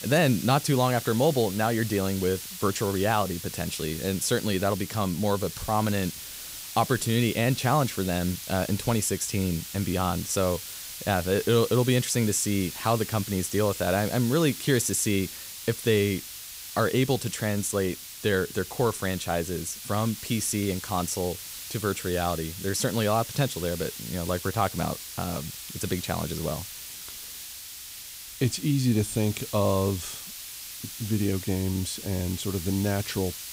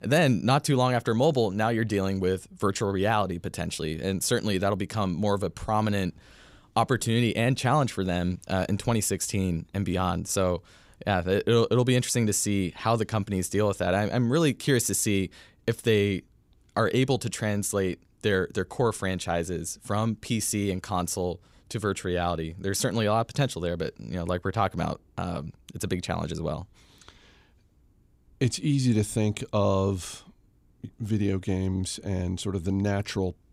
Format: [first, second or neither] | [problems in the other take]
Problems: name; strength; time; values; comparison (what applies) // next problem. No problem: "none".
second | hiss; loud; throughout; 9 dB below the speech